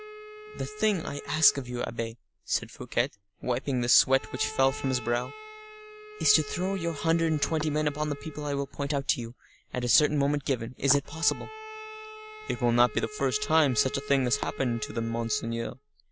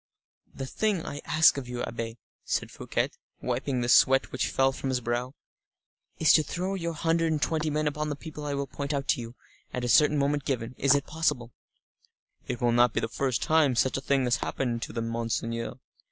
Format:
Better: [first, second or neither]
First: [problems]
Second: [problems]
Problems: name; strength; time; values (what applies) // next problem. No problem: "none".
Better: second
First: background sound (Bowed string instrument); 16 dB below the speech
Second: none